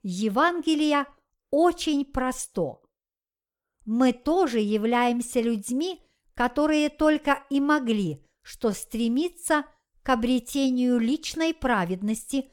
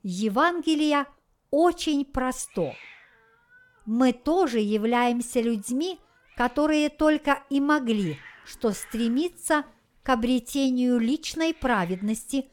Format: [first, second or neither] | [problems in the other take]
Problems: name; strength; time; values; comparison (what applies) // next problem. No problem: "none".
first | hiss; faint; throughout; 25 dB below the speech